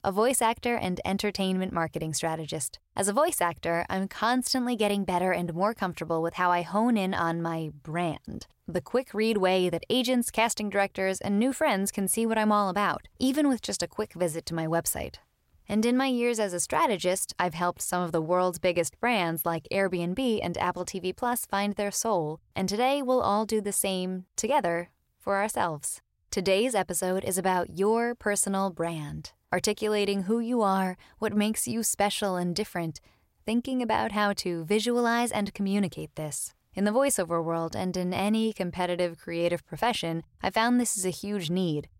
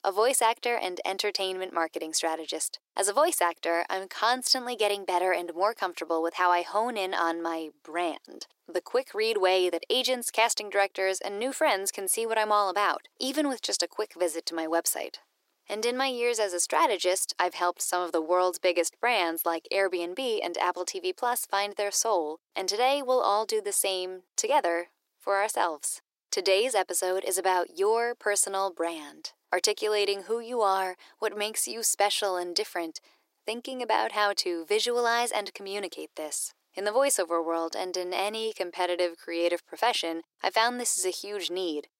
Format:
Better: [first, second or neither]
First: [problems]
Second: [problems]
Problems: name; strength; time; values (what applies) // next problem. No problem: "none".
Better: first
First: none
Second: thin; very; fading below 300 Hz